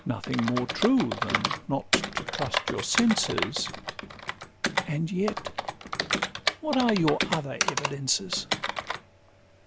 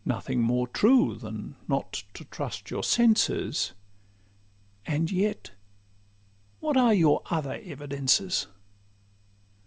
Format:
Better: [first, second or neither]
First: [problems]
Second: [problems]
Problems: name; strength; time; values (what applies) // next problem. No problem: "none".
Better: second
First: background sound (Computer keyboard); 2 dB below the speech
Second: none